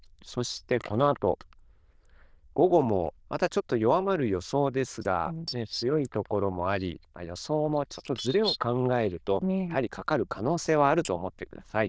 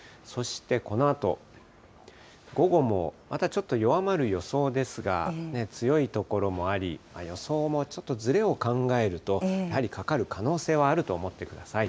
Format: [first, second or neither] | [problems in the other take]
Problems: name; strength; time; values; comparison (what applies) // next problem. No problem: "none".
second | noise reduction (neural diffusion model UNIVERSE++)